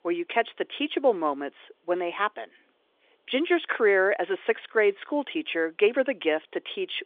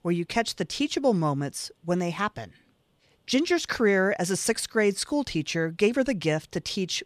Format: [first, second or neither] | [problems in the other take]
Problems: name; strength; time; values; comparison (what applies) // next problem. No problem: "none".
second | phone-call audio; nothing above 3.5 kHz